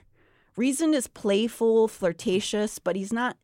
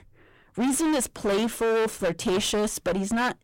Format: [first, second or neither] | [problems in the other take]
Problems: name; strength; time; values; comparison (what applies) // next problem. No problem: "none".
first | distortion; heavy; 27% of the sound clipped